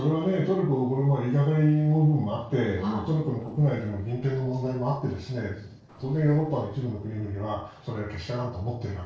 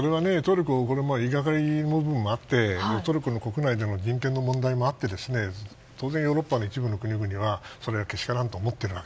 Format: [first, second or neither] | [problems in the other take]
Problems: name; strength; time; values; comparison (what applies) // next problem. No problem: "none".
second | noise reduction (neural separator model SepFormer DNS4)